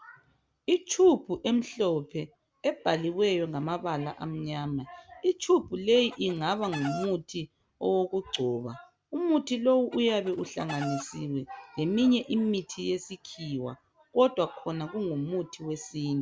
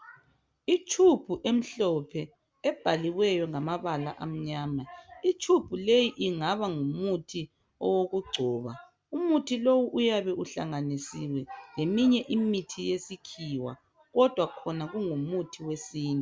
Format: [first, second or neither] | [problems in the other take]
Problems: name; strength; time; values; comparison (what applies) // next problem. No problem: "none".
second | background sound (Chicken, rooster); 12 dB below the speech